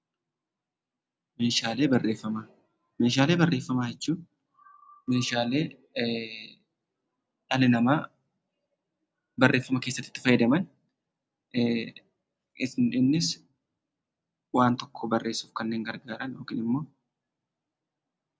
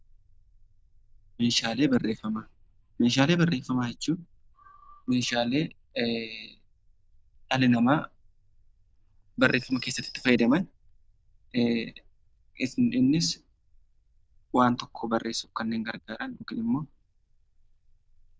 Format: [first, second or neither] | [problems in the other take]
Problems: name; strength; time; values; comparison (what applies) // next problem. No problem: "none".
first | noise reduction (neural diffusion model UNIVERSE++)